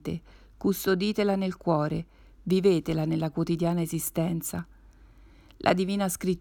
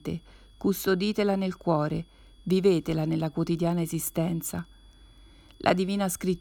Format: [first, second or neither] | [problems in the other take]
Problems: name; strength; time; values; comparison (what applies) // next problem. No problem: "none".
first | high-pitched whine; faint; throughout; 3.5 kHz, 35 dB below the speech